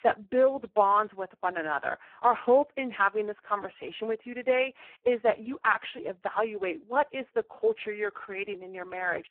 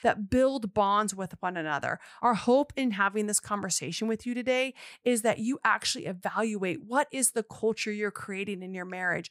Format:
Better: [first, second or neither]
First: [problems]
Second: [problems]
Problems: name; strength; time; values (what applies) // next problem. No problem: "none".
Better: second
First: phone-call audio; poor line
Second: none